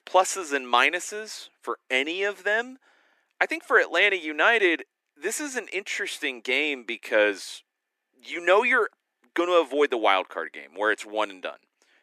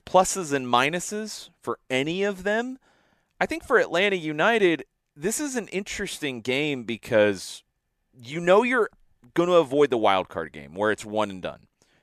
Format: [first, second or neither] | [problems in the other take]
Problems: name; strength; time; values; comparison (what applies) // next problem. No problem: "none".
second | thin; somewhat; fading below 300 Hz